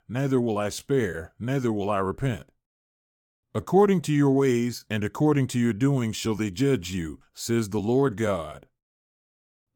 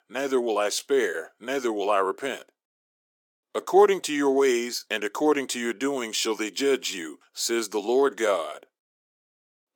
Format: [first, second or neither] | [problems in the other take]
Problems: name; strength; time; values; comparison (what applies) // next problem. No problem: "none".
first | thin; somewhat; fading below 350 Hz